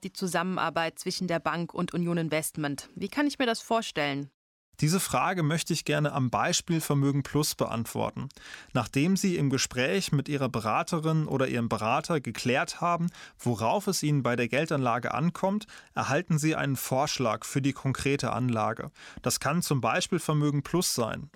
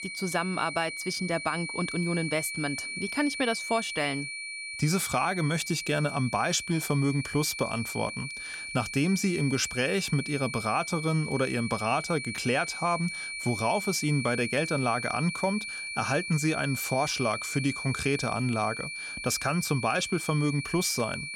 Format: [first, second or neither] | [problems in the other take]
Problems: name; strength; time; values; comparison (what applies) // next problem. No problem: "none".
first | high-pitched whine; loud; throughout; 2.5 kHz, 6 dB below the speech